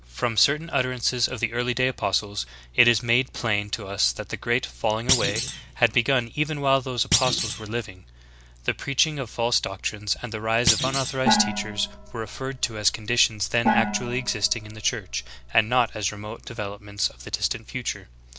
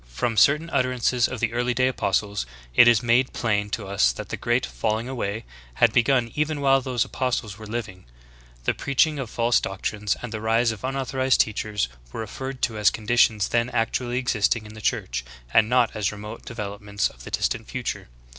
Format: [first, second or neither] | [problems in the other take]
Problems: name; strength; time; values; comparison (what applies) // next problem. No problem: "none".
second | background sound (Gong + Thump, thud); 3 dB below the speech